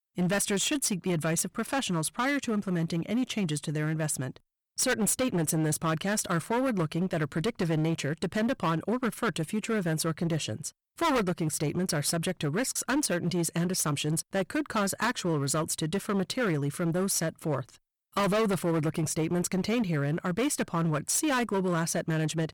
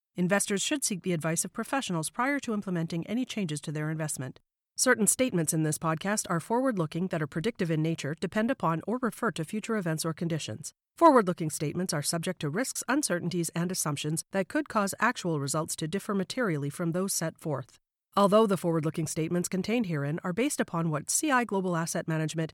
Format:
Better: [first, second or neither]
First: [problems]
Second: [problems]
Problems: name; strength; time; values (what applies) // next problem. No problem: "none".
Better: second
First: distortion; heavy; 13% of the sound clipped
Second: none